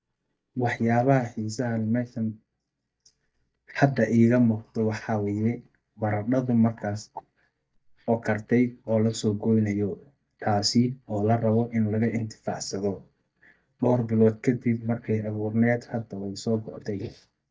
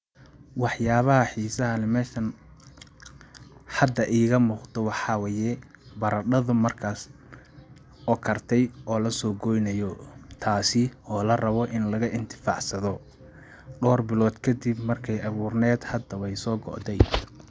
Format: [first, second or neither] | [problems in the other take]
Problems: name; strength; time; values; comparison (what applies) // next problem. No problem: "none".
second | noise reduction (neural mask model DeepFilterNet 3)